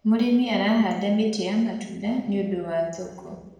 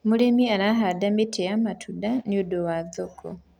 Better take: second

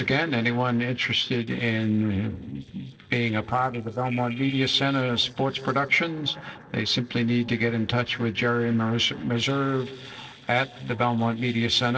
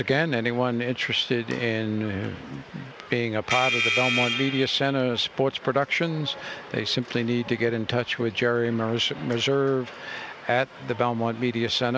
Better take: second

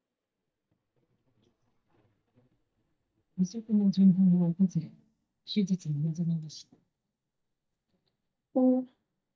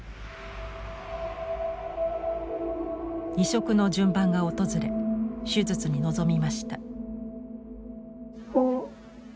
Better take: second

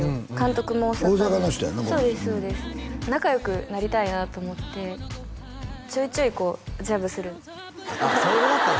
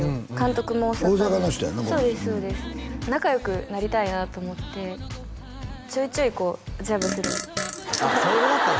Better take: first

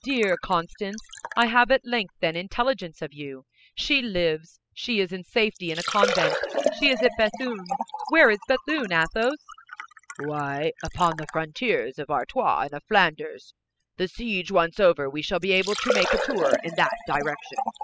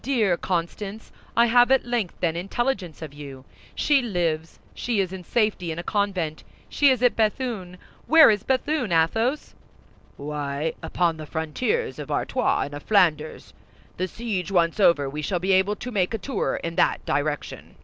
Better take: second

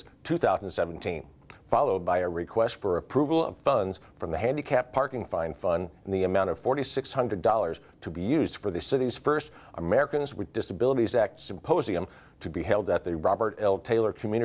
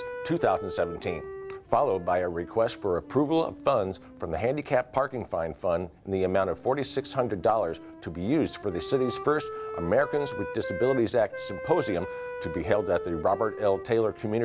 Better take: first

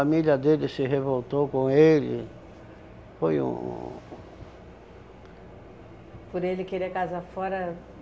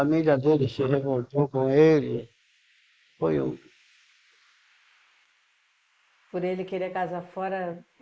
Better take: first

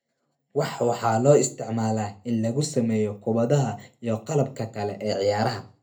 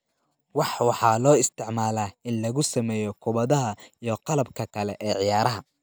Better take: second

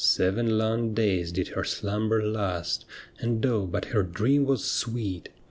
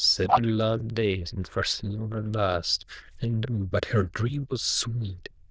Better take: first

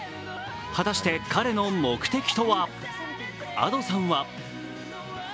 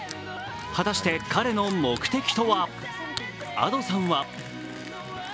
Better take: first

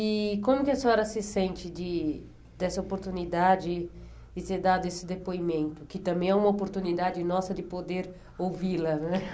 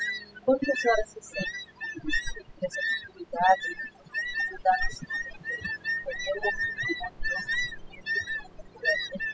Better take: first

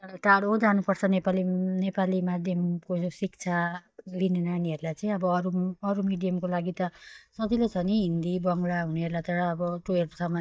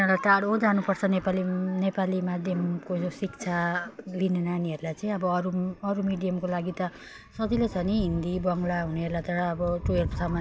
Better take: second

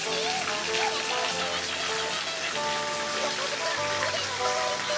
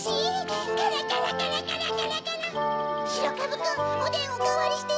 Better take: second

